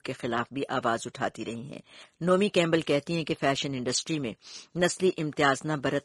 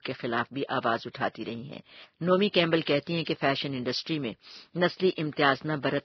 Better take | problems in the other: first | garbled, watery; badly; nothing above 5.5 kHz; slightly in the first

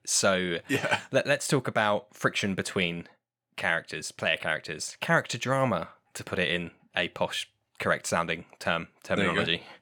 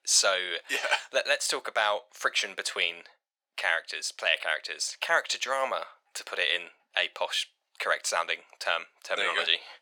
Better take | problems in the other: first | thin; very; fading below 550 Hz

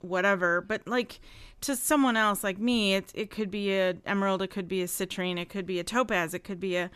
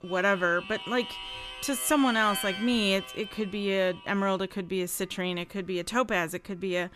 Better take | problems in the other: first | background music; loud; throughout; 10 dB below the speech

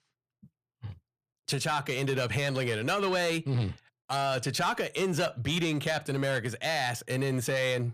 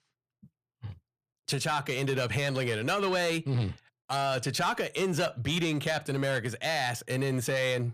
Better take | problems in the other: neither | distortion; slight; 10 dB below the speech; the same in both

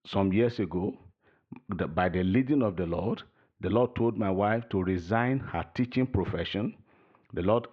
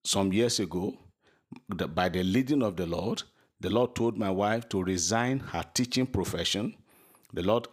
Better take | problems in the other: second | muffled; very; fading above 2.5 kHz

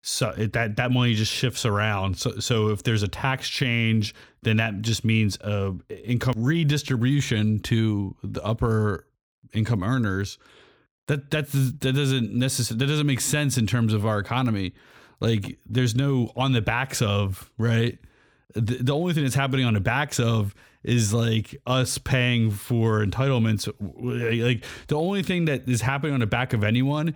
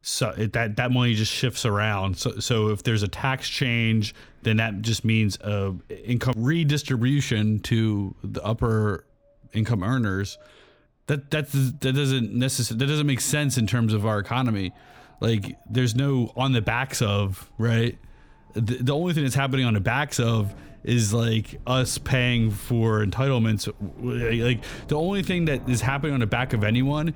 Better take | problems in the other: first | wind in the background; faint; throughout; 25 dB below the speech

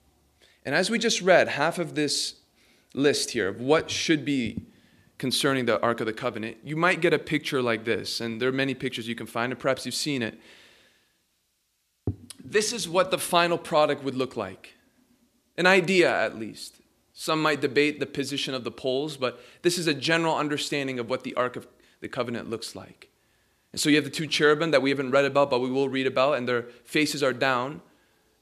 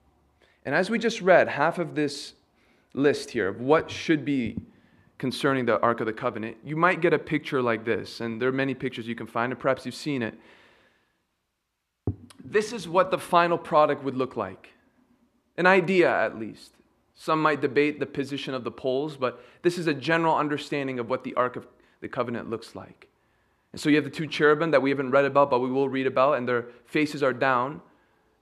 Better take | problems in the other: first | muffled; slightly; fading above 3 kHz

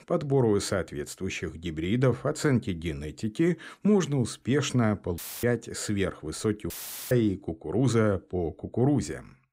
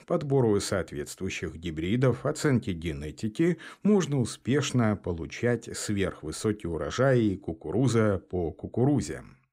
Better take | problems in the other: second | audio cutting out; filled with static; at 5 s and at 6.5 s

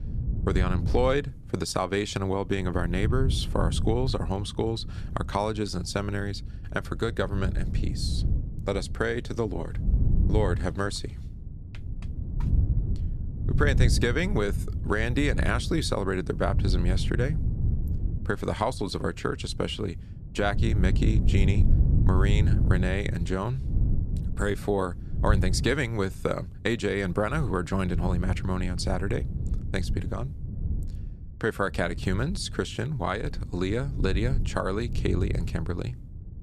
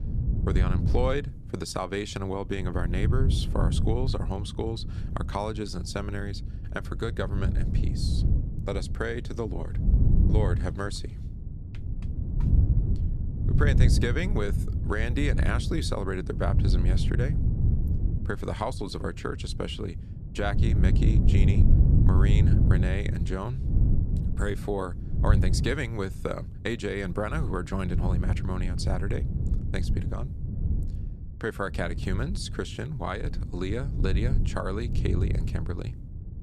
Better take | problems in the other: first | wind noise on the microphone; heavy; 7 dB below the speech; occasional gusts in the first

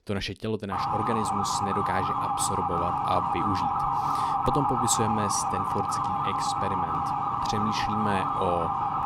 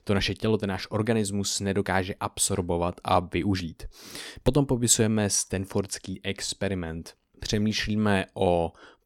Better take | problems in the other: second | siren; loud; from 0.5 s on; peak 6 dB above the speech

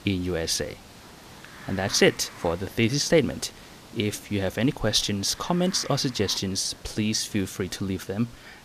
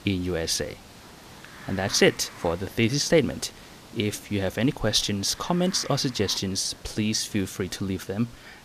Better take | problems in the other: neither | hiss; noticeable; throughout; 20 dB below the speech; the same in both

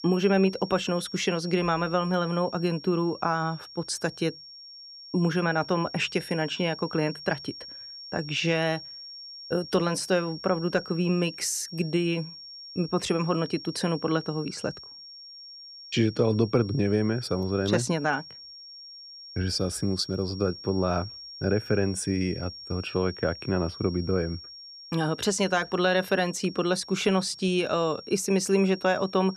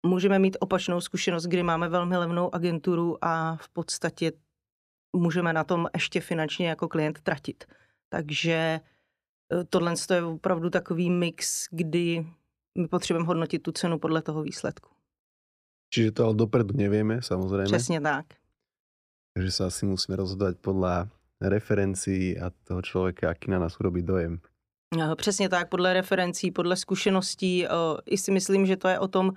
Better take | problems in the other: second | high-pitched whine; noticeable; throughout; 5.5 kHz, 15 dB below the speech

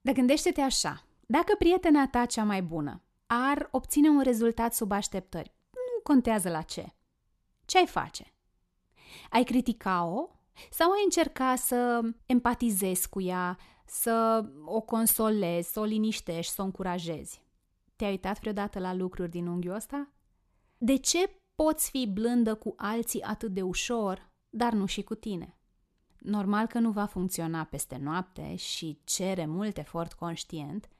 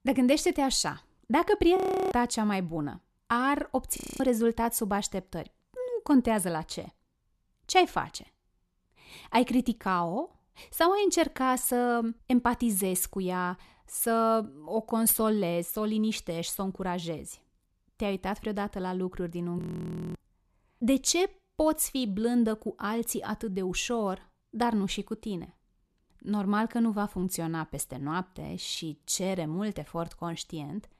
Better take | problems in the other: first | audio freezing; at 2 s, at 4 s and at 20 s for 0.5 s

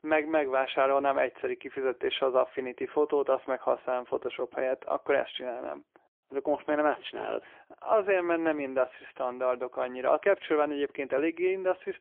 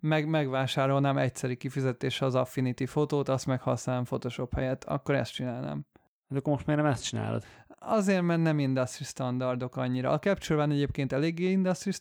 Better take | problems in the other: second | phone-call audio; poor line; nothing above 3.5 kHz

